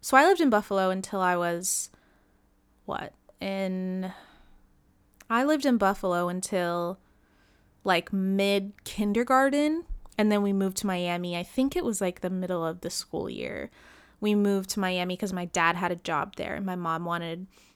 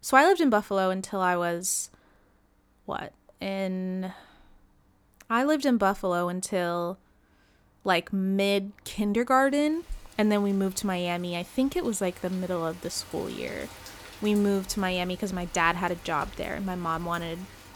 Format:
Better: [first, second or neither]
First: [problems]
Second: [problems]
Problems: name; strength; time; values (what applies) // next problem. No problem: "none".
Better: first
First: none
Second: rain or running water; noticeable; throughout; 20 dB below the speech